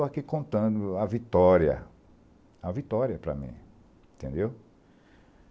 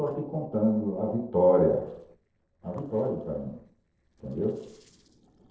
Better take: first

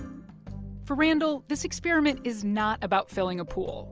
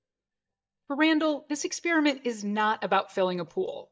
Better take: first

